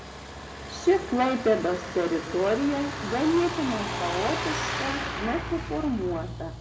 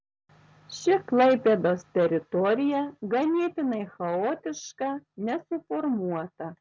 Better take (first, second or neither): second